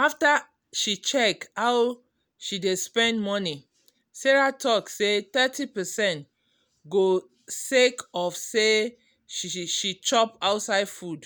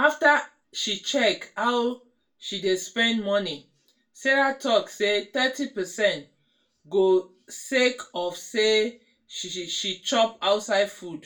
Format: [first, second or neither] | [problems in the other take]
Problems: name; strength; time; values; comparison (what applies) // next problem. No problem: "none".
first | room echo; dies away in 0.2 s